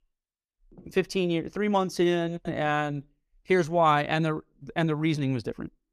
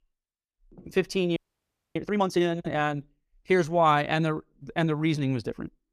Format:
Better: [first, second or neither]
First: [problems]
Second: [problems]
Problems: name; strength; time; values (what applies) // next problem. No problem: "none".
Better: first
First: none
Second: audio freezing; at 1.5 s for 0.5 s